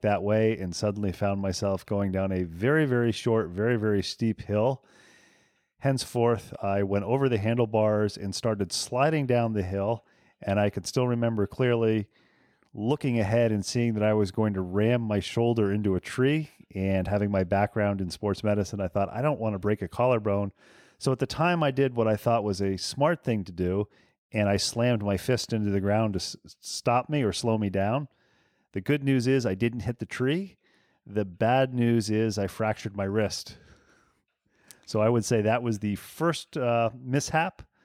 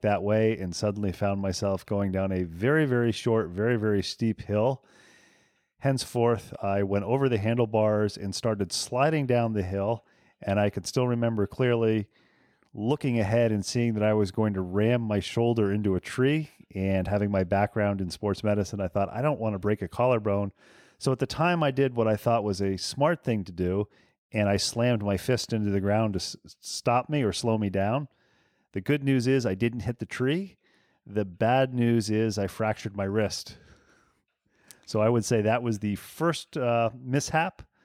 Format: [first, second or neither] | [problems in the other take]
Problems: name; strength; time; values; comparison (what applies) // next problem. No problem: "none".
neither | none